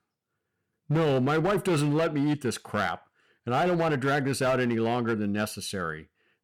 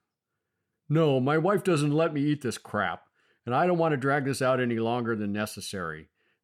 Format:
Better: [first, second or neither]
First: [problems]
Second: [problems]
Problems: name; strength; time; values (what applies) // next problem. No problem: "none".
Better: second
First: distortion; slight; 11% of the sound clipped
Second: none